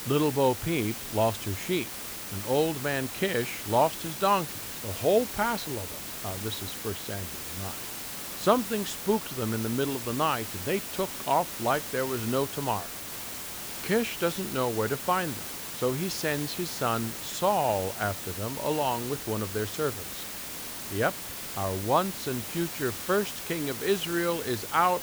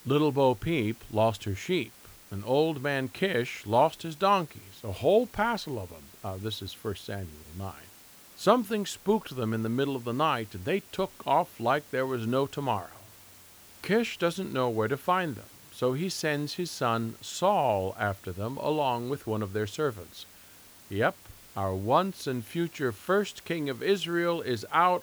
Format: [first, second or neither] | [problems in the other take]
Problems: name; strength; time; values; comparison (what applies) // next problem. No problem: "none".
second | hiss; loud; throughout; 6 dB below the speech; faint in the second